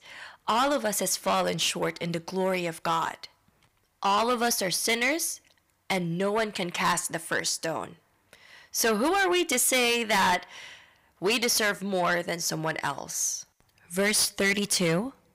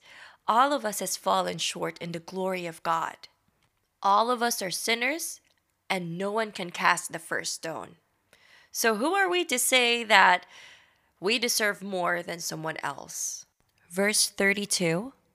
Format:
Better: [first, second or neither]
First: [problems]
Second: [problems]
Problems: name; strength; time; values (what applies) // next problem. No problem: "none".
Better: second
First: distortion; heavy; 6 dB below the speech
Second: none